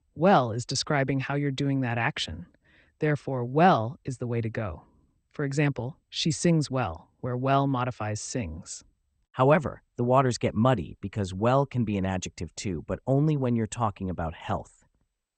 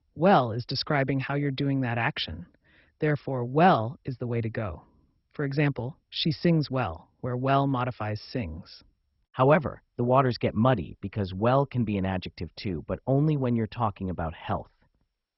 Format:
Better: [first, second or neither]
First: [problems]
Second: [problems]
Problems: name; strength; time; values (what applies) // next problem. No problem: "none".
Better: first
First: garbled, watery; slightly; nothing above 8.5 kHz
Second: garbled, watery; badly; nothing above 5.5 kHz